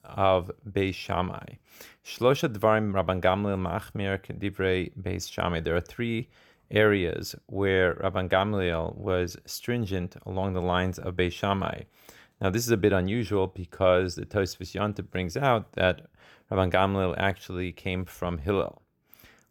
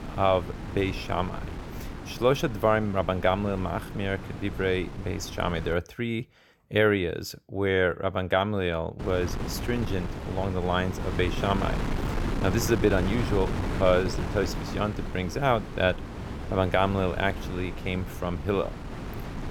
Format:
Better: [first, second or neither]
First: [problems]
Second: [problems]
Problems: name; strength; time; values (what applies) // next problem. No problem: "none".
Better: first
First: none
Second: wind noise on the microphone; occasional gusts; until 5.5 s and from 9 s on; 10 dB below the speech